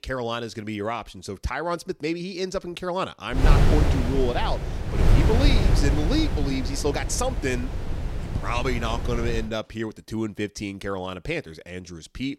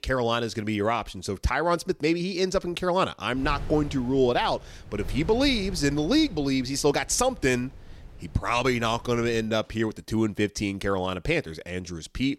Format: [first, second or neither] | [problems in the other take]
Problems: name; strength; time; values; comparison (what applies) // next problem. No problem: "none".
second | wind noise on the microphone; heavy; from 3.5 to 9.5 s; 4 dB below the speech; occasional gusts in the second